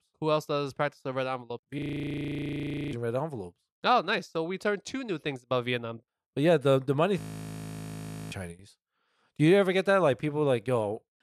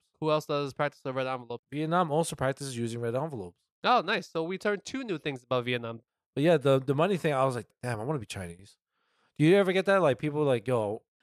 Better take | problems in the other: second | audio freezing; at 2 s for 1 s and at 7 s for 1 s

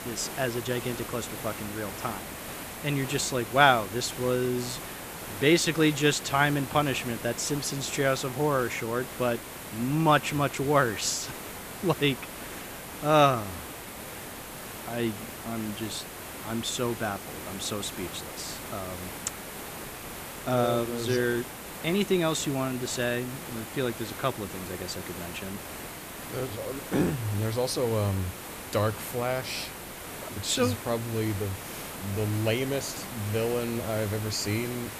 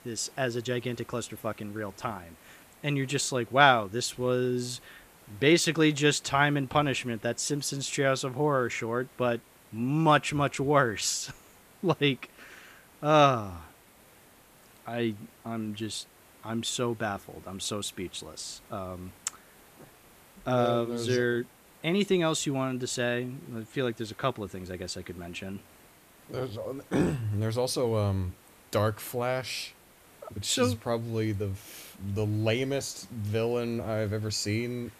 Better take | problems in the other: second | hiss; loud; throughout; 9 dB below the speech; faint in the second

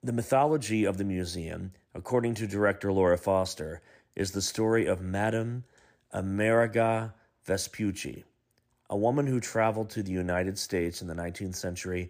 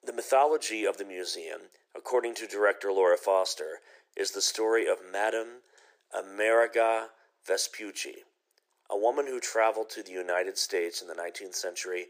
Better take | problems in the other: first | thin; very; fading below 400 Hz

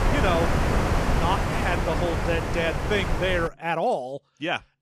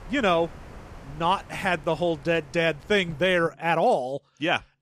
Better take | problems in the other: second | wind noise on the microphone; heavy; until 3.5 s; 1 dB below the speech; occasional gusts in the second

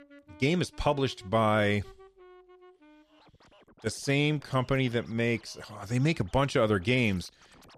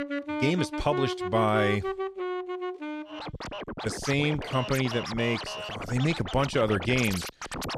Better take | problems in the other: first | background music; loud; throughout; 6 dB below the speech; faint in the first

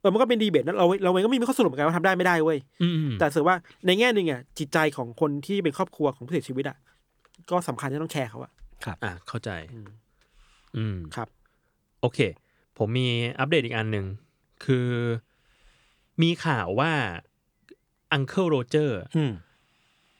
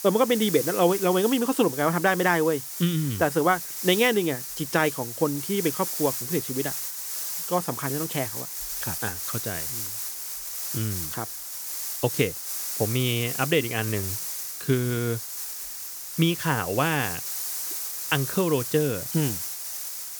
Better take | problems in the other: first | hiss; loud; throughout; 5 dB below the speech

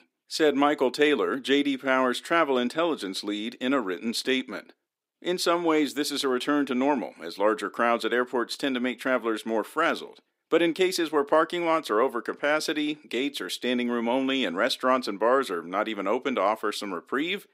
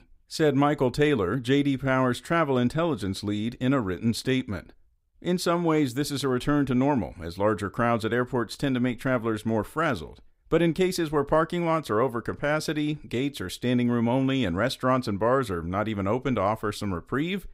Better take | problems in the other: second | thin; very slightly; fading below 250 Hz

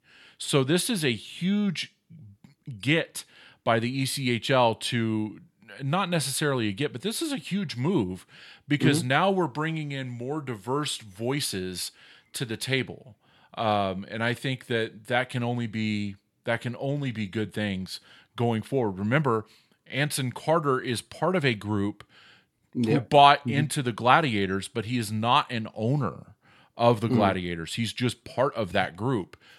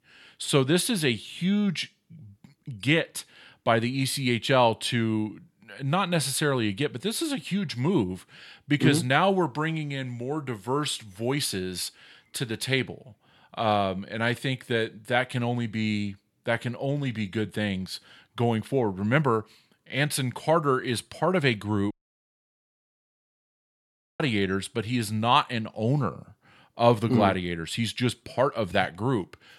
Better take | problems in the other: first | audio cutting out; at 22 s for 2.5 s

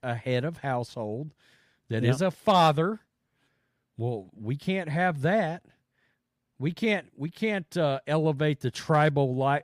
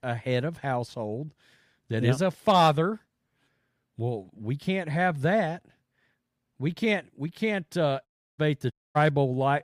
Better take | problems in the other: first | audio cutting out; at 8 s and at 8.5 s

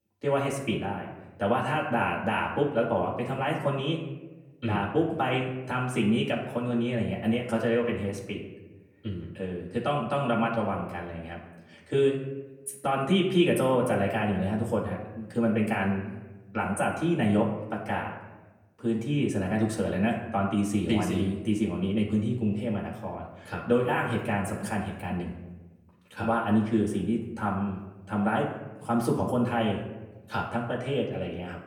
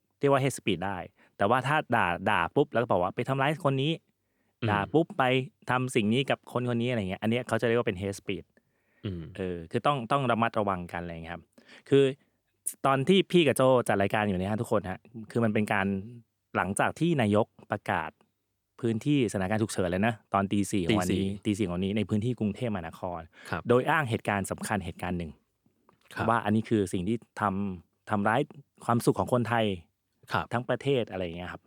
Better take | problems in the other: second | off-mic speech; far // room echo; slight; dies away in 0.9 s

